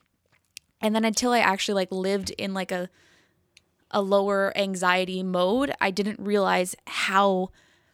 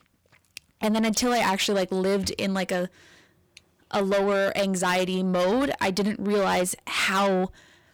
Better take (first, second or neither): first